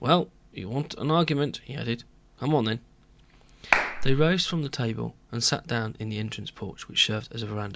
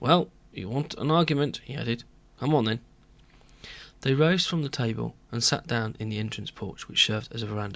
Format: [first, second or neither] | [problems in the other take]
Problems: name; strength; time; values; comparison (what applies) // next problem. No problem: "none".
second | background sound (Clapping); 3 dB above the speech